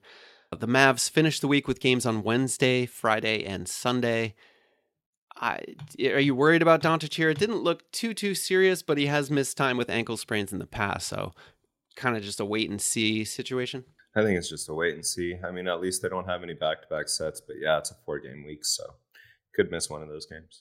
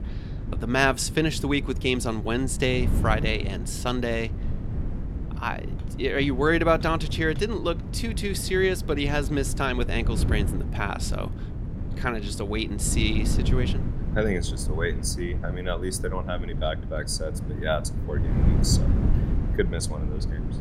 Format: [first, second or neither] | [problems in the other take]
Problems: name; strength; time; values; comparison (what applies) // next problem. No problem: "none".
first | wind noise on the microphone; occasional gusts; 10 dB below the speech